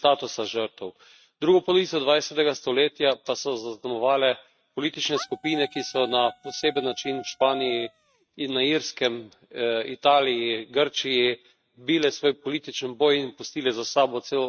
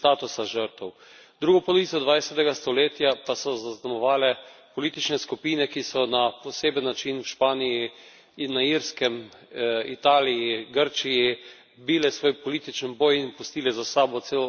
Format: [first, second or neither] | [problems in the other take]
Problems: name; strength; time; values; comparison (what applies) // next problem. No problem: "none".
second | noise reduction (neural mask model RNNoise)